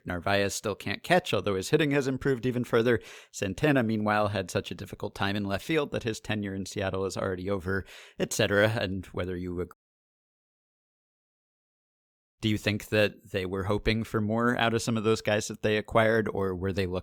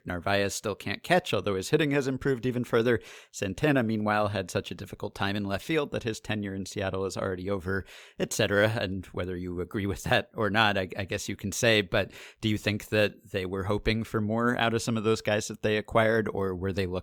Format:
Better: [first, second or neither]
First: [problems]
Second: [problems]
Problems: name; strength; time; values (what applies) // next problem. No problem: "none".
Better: second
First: audio cutting out; at 9.5 s for 2.5 s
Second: none